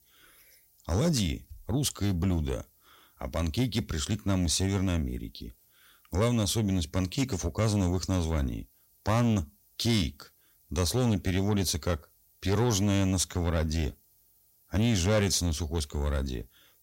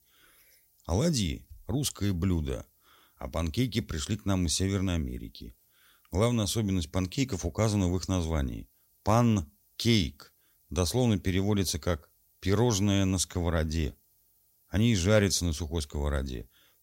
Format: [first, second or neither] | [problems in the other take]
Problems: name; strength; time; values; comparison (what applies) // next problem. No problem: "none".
second | distortion; slight; 10 dB below the speech